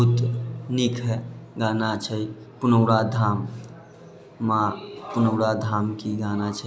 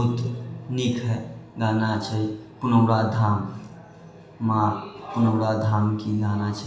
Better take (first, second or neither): first